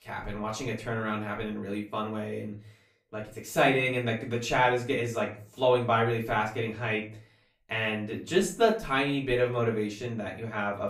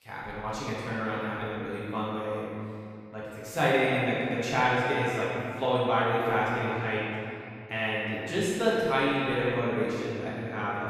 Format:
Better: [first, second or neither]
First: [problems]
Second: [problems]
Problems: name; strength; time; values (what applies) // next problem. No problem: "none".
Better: first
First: room echo; slight; dies away in 0.3 s // off-mic speech; far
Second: room echo; strong; dies away in 2.4 s // off-mic speech; far